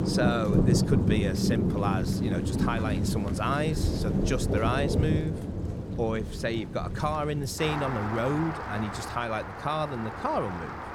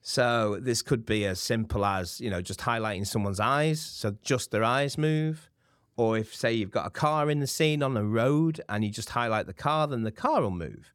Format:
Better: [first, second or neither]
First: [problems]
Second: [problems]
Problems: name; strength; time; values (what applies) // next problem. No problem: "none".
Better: second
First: rain or running water; very loud; throughout; 1 dB above the speech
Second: none